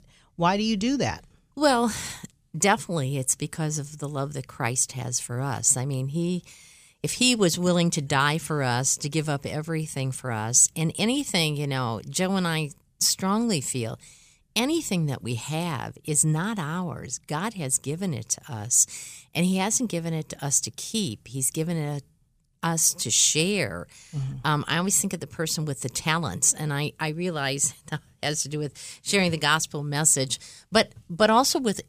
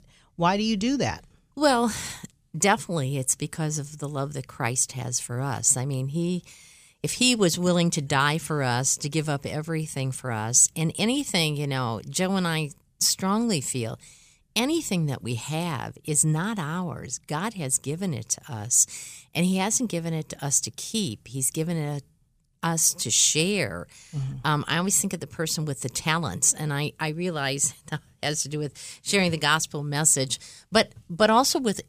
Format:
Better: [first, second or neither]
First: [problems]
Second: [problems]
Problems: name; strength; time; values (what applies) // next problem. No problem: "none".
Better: neither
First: none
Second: none